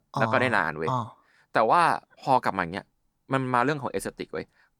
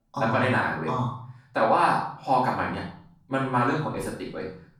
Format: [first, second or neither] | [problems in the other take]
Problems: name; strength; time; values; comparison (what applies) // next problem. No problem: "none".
first | off-mic speech; far // room echo; noticeable; dies away in 0.5 s